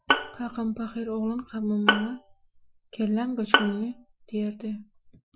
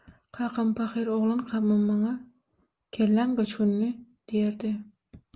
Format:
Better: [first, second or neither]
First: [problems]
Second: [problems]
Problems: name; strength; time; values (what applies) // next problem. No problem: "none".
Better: second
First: noise reduction (classical method Wiener filter)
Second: none